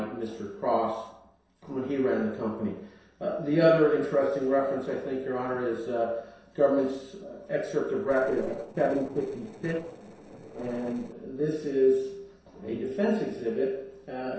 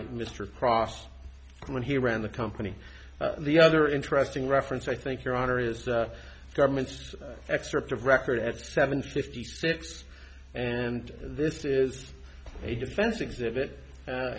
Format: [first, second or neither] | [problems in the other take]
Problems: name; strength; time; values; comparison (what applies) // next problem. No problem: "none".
second | noise reduction (neural separator model SepFormer DNS4)